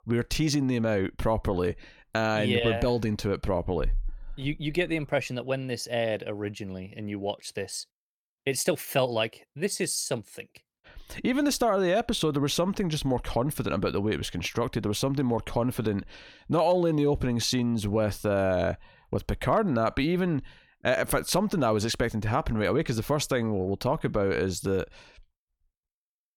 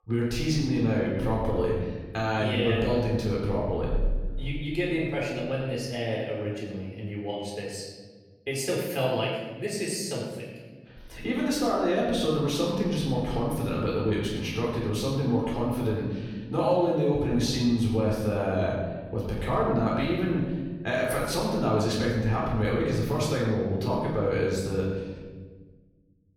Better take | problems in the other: first | off-mic speech; far // room echo; noticeable; dies away in 1.4 s

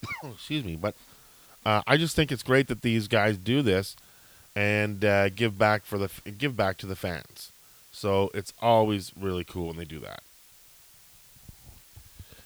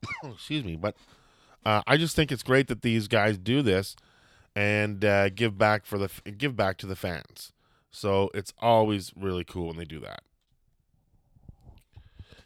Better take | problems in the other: second | hiss; faint; throughout; 25 dB below the speech

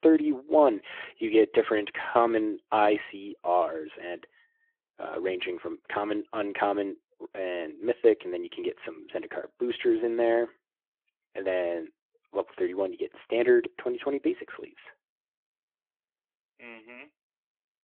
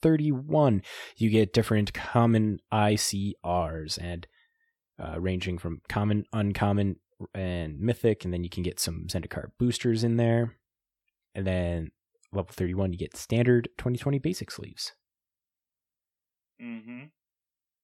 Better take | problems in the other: second | phone-call audio

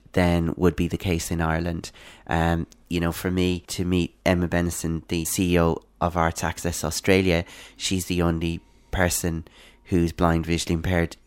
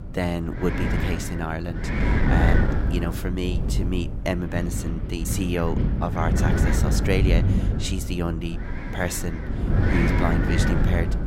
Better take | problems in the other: first | wind noise on the microphone; heavy; 1 dB below the speech

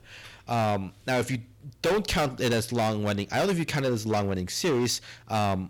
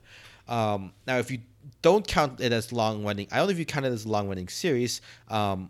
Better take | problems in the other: second | distortion; heavy; 14% of the sound clipped

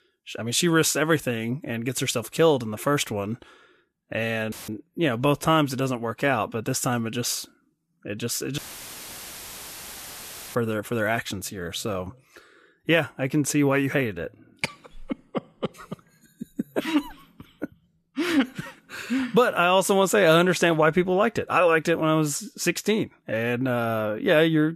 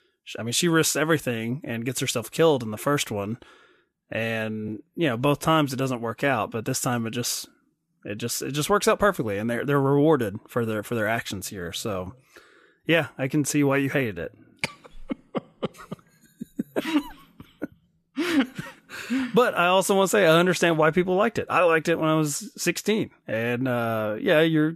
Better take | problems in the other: second | audio cutting out; filled with static; at 4.5 s and at 8.5 s for 2 s

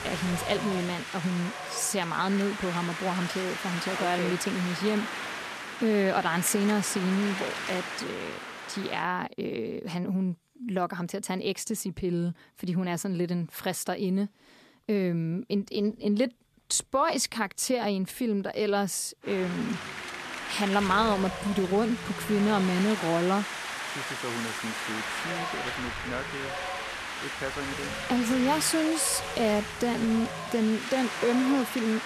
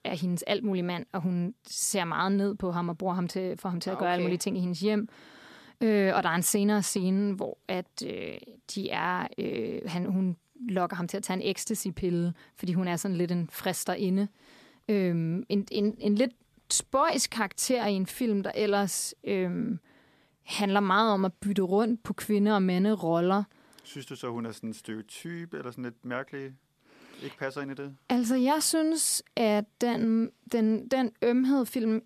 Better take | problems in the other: second | wind noise on the microphone; heavy; until 9 s and from 19 s on; 2 dB below the speech

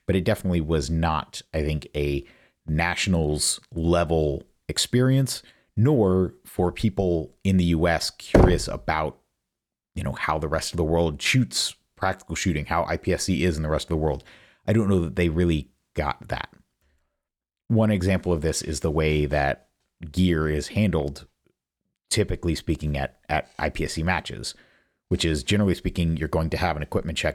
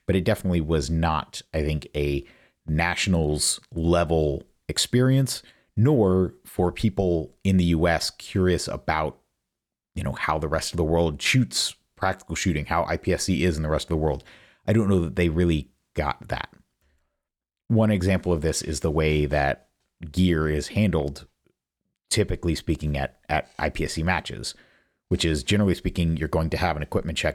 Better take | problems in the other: second | door banging; loud; at 8.5 s; peak 6 dB above the speech

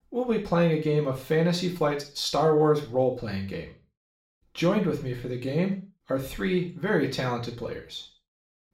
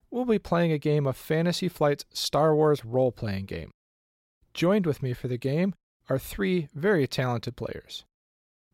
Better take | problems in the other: second | room echo; slight; dies away in 0.4 s // off-mic speech; somewhat distant

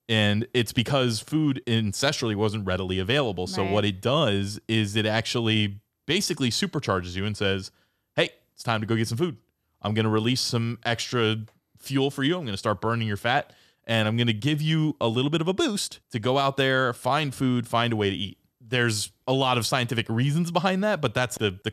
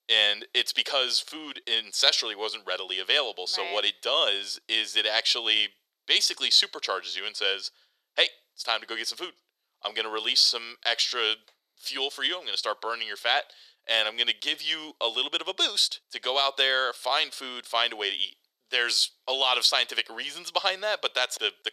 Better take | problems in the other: first | thin; very; fading below 450 Hz

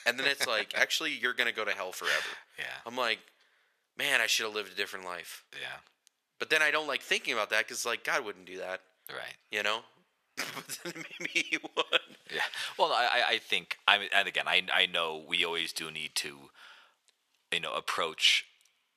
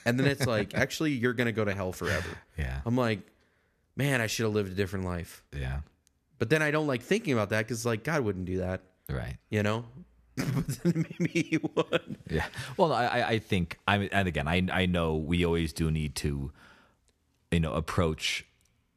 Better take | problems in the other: second | thin; very; fading below 750 Hz

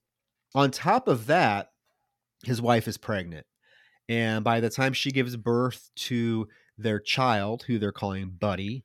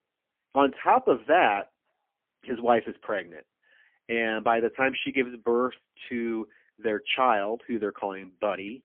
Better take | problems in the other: first | phone-call audio; poor line; nothing above 3 kHz

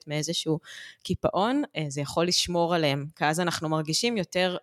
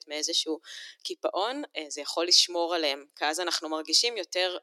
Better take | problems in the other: first | thin; somewhat; fading below 300 Hz

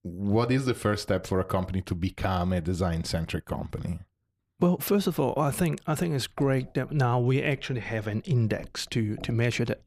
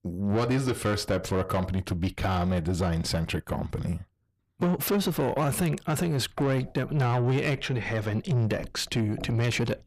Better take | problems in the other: first | distortion; slight; 10 dB below the speech

